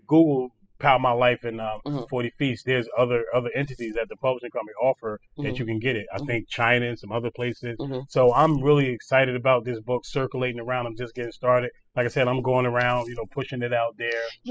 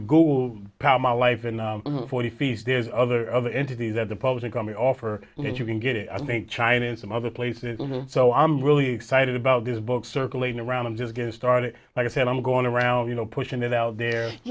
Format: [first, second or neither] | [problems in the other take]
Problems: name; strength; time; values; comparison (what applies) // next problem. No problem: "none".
second | noise reduction (classical method spectral subtraction)